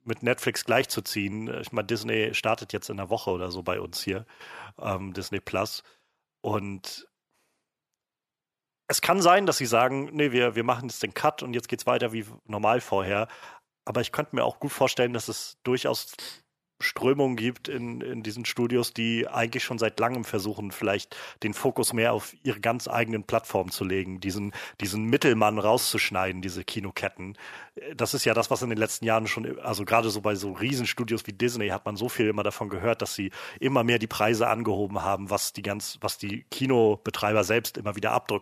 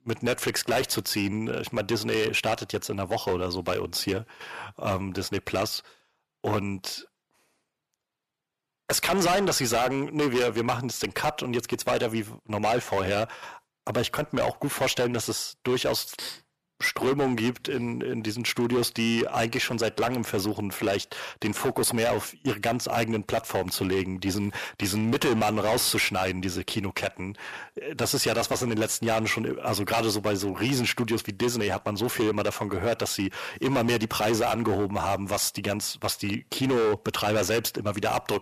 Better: first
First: none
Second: distortion; heavy; 10% of the sound clipped

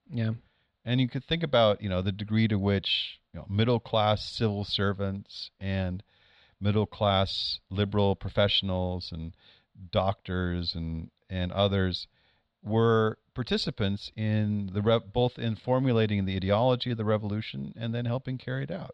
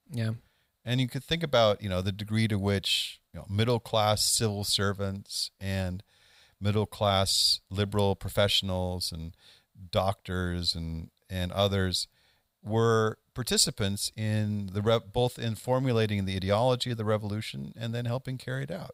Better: second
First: muffled; slightly; fading above 3.5 kHz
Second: none

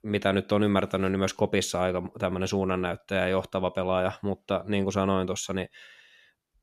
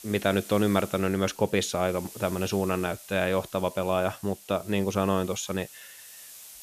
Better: first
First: none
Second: hiss; noticeable; throughout; 15 dB below the speech

